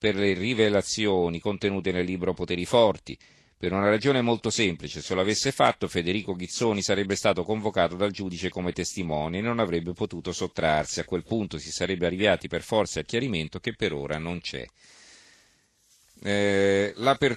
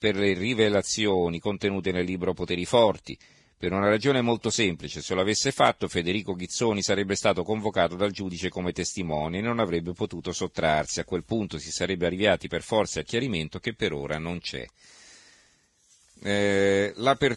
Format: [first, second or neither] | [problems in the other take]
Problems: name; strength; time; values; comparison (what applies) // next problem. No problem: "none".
first | garbled, watery; badly; nothing above 10 kHz; slightly in the first